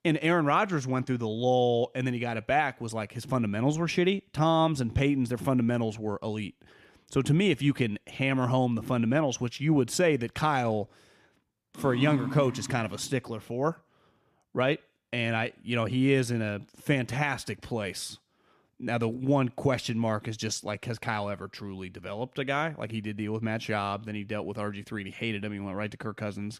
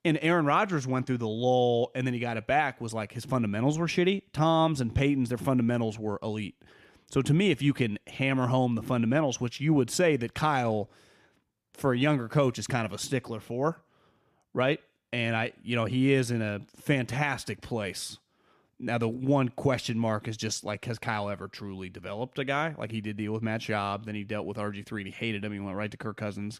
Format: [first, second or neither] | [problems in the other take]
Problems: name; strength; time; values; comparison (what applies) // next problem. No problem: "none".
second | dog barking; noticeable; from 12 to 13 s; peak 4 dB below the speech